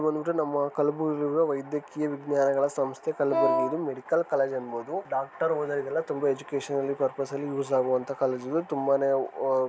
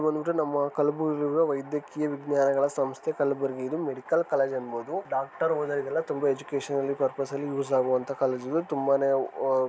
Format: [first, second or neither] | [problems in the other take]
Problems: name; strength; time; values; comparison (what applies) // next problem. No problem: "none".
second | background sound (Wind instrument, woodwind instrument); 1 dB above the speech